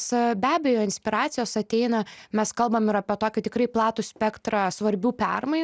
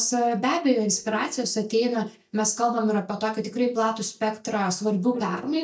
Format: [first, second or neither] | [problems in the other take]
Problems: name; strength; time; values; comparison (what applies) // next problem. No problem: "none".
first | noise reduction (neural mask model DeepFilterNet 3)